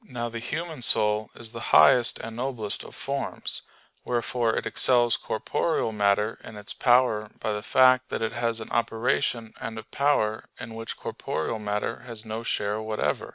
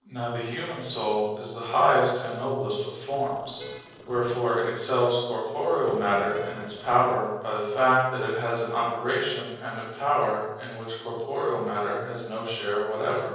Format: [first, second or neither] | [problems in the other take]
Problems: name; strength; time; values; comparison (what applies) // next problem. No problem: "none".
first | noise reduction (neural separator model SepFormer DNS4)